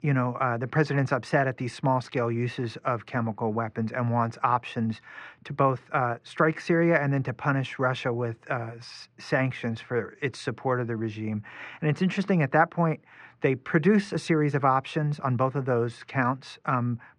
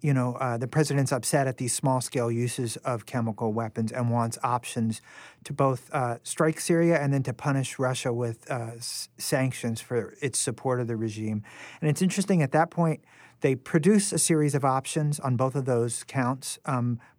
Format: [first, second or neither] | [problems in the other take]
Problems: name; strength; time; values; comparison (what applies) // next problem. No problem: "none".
second | muffled; slightly; fading above 4 kHz